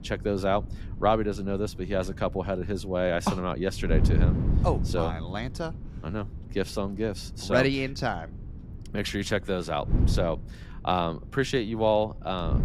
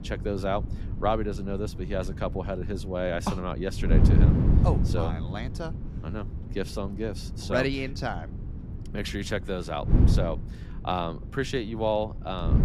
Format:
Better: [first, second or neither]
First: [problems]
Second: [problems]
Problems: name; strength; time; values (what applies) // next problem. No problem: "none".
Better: first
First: wind noise on the microphone; occasional gusts; 15 dB below the speech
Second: wind noise on the microphone; heavy; 8 dB below the speech